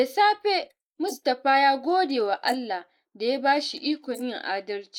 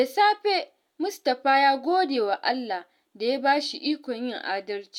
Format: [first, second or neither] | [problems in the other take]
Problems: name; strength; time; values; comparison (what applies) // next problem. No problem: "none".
second | noise reduction (neural mask model Resemble Enhance denoiser)